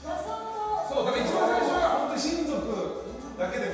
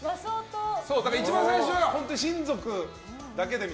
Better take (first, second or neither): second